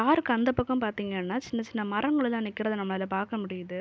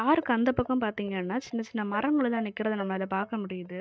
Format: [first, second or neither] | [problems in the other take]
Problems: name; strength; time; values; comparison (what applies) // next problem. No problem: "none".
first | noise reduction (neural mask model DeepFilterNet 3)